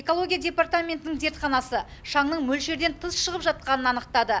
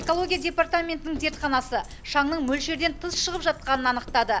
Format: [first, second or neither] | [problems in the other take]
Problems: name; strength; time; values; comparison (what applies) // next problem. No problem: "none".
first | background sound (Coin (dropping)); 16 dB below the speech